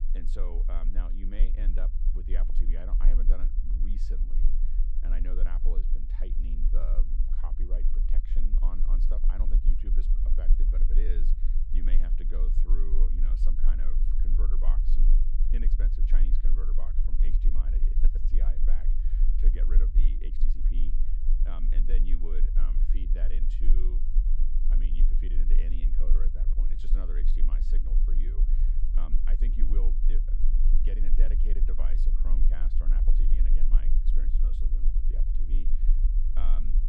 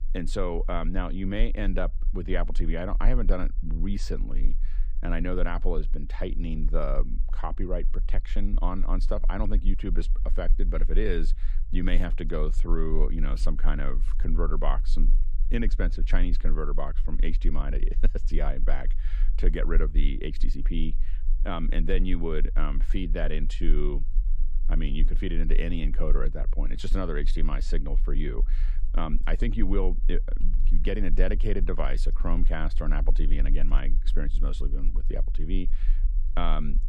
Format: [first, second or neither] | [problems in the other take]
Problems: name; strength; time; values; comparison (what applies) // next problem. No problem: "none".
second | low rumble; loud; throughout; 5 dB below the speech; faint in the second